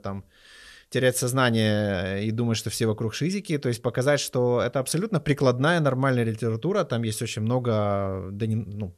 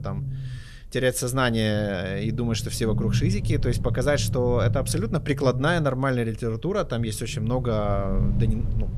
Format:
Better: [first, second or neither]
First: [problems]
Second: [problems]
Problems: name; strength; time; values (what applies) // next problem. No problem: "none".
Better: first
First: none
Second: low rumble; noticeable; throughout; 15 dB below the speech